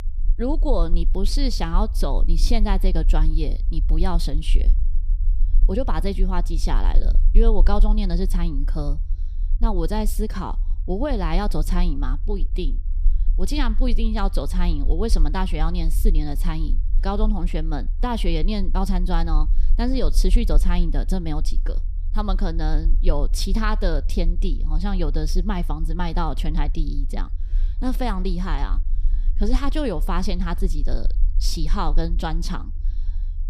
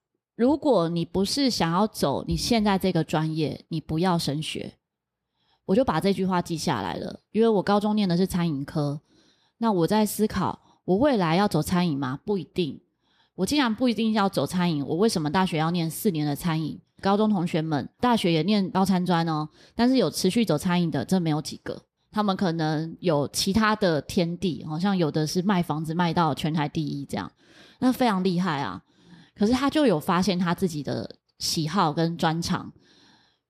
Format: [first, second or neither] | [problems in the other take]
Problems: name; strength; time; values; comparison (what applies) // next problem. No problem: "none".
second | low rumble; faint; throughout; 20 dB below the speech